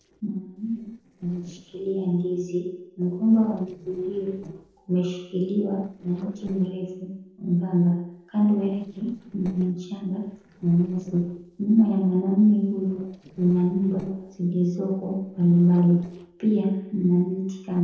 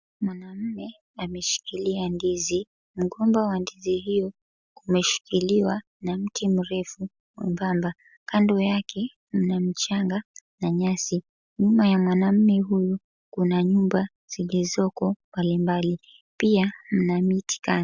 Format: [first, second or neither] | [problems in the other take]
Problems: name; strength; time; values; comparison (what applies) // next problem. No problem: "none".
second | noise reduction (neural separator model SepFormer DNS4)